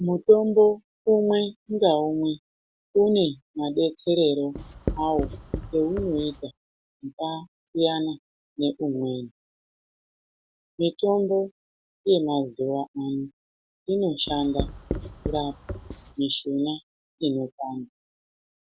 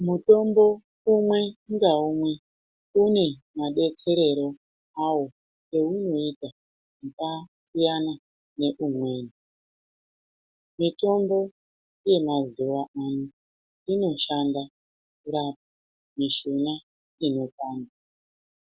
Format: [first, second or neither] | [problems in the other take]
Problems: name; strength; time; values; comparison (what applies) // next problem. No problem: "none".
second | background sound (Writing); 7 dB below the speech